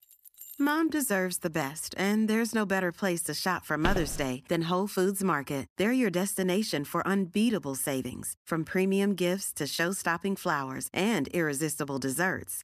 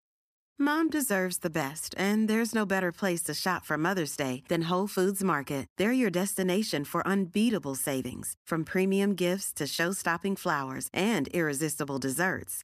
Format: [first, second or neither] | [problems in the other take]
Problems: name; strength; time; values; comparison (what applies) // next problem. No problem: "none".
second | jangling keys; faint; at the start; peak 15 dB below the speech // footsteps; noticeable; at 4 s; peak 5 dB below the speech